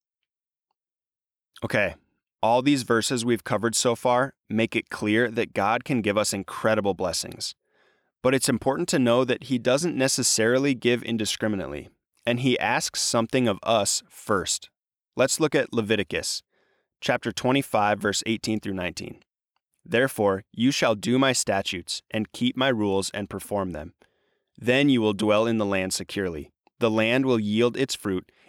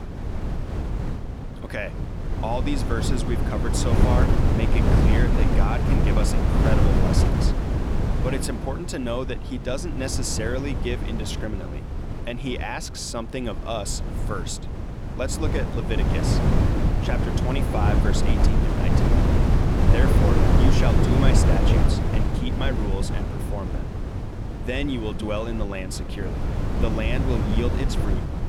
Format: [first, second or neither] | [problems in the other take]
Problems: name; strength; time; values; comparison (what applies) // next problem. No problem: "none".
first | wind noise on the microphone; heavy; as loud as the speech